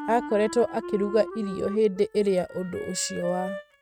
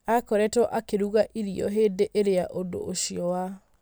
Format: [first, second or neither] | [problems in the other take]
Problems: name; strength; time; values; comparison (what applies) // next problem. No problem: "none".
second | noise reduction (neural mask model RNNoise)